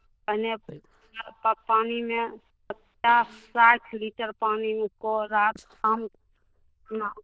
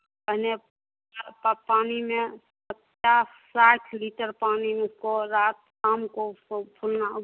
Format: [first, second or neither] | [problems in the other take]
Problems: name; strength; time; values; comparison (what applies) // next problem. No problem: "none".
second | noise reduction (neural diffusion model UNIVERSE++)